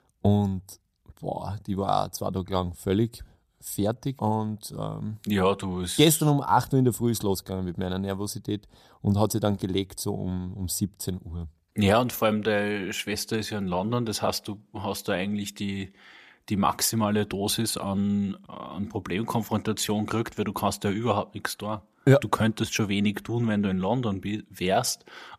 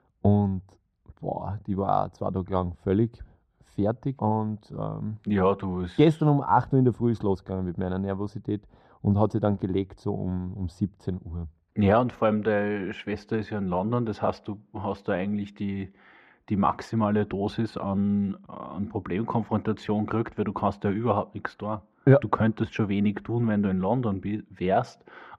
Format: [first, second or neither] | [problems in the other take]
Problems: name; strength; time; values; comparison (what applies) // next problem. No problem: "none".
first | muffled; very; fading above 1.5 kHz